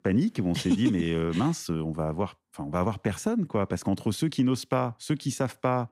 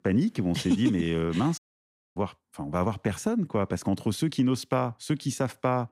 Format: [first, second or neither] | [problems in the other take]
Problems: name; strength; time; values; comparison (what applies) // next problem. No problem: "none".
first | audio cutting out; at 1.5 s for 0.5 s